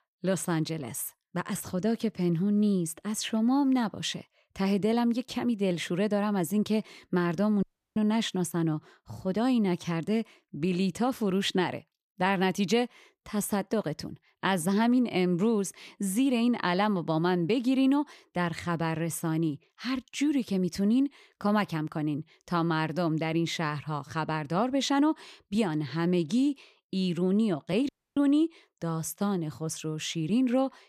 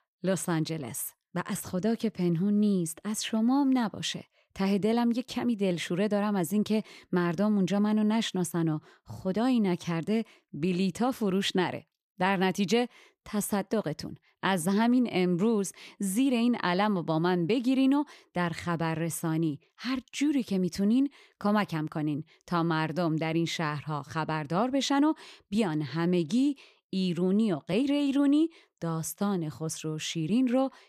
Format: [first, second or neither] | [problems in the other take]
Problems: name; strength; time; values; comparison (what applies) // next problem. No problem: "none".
second | audio cutting out; at 7.5 s and at 28 s